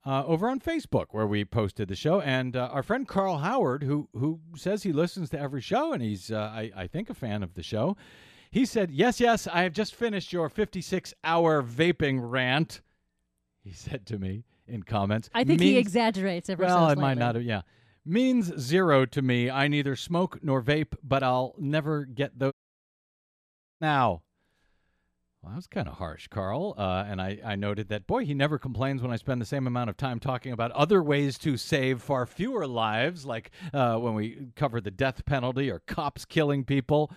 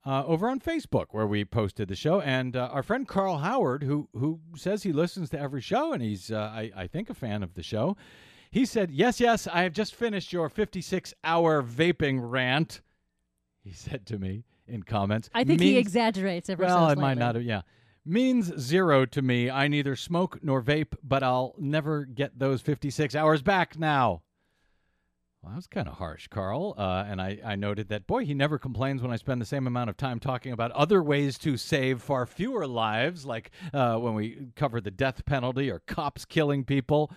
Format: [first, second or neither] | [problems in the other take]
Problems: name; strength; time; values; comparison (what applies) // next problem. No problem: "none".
second | audio cutting out; at 23 s for 1.5 s